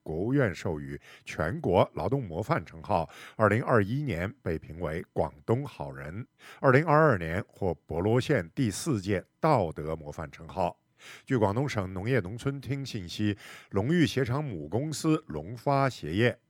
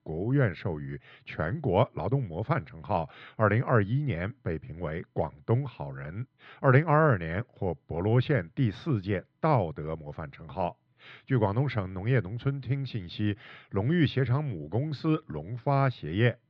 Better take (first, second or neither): first